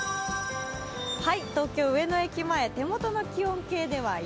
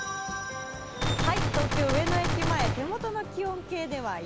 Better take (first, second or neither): first